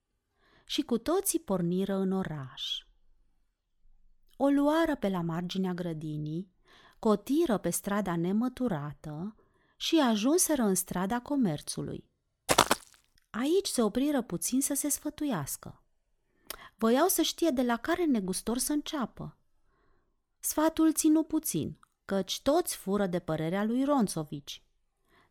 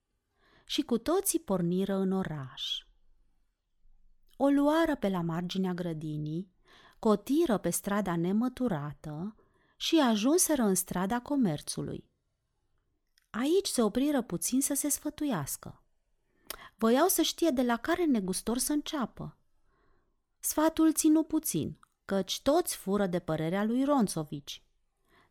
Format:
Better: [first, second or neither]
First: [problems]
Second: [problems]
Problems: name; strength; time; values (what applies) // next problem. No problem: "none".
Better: second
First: footsteps; loud; at 12 s; peak 5 dB above the speech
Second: none